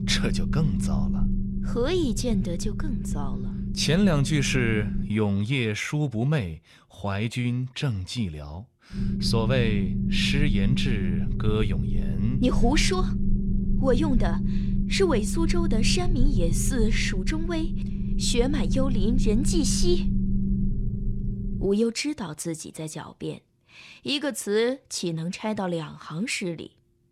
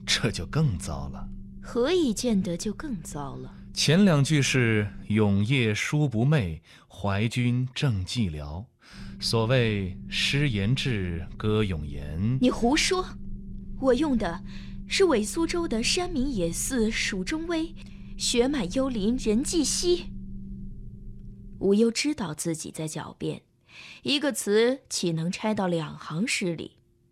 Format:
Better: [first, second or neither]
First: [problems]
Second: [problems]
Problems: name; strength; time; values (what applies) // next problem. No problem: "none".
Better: second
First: low rumble; loud; until 5 s and from 9 to 22 s; 8 dB below the speech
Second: low rumble; faint; until 5 s and from 9 to 22 s; 25 dB below the speech